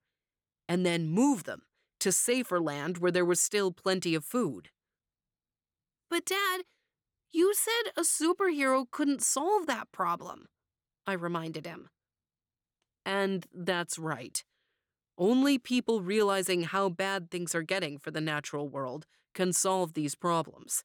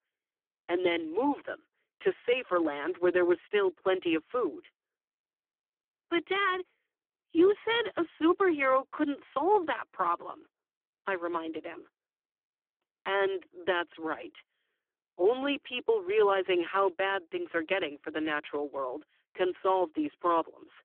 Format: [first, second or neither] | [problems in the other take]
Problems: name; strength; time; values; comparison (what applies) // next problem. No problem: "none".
first | phone-call audio; poor line; nothing above 3.5 kHz